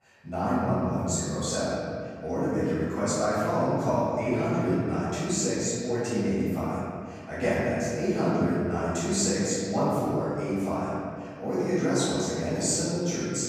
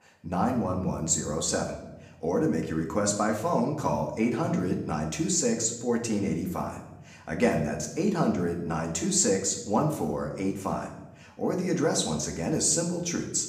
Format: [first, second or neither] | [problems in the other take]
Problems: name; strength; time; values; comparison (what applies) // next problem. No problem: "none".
second | room echo; strong; dies away in 2 s; slight in the second // off-mic speech; far; somewhat distant in the second